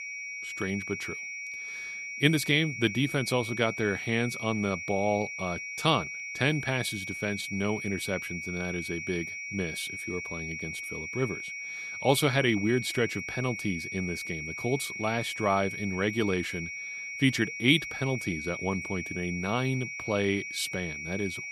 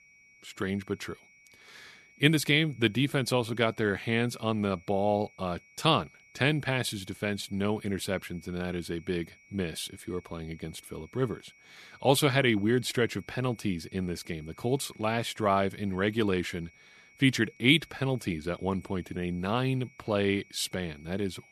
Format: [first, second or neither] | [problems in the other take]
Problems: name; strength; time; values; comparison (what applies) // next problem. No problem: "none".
second | high-pitched whine; loud; throughout; 2.5 kHz, 6 dB below the speech; faint in the second